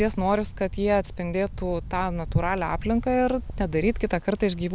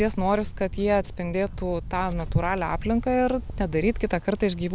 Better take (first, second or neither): first